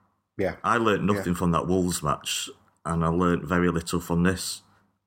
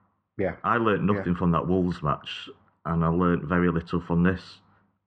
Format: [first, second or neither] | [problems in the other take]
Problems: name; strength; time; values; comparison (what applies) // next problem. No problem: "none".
first | muffled; very; fading above 2.5 kHz